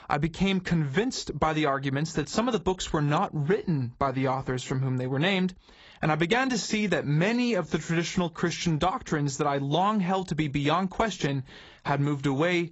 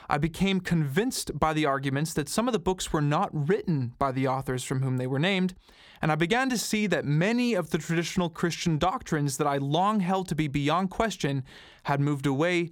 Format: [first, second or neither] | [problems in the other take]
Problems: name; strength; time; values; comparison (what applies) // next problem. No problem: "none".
second | garbled, watery; badly; nothing above 7.5 kHz